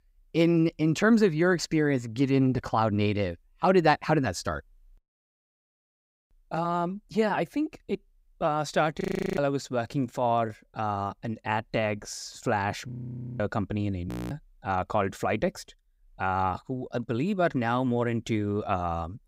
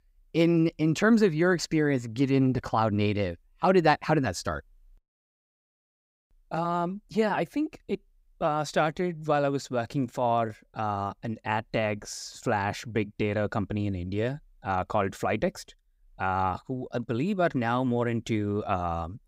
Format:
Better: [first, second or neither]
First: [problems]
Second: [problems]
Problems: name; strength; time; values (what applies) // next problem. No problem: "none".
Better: second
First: audio freezing; at 9 s, at 13 s for 0.5 s and at 14 s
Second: none